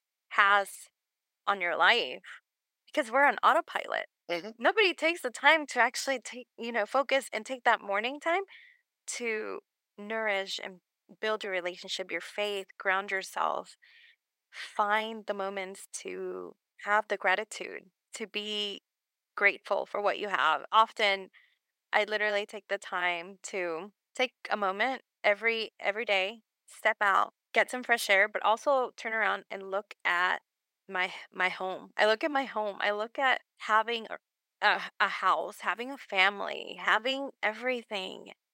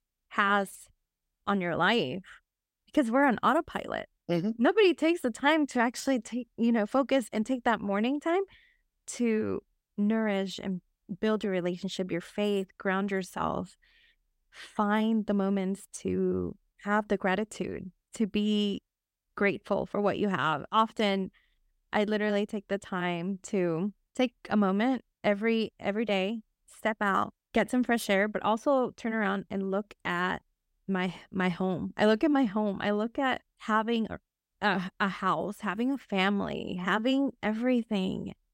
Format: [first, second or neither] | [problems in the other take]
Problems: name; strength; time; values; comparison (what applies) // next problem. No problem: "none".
second | thin; very; fading below 650 Hz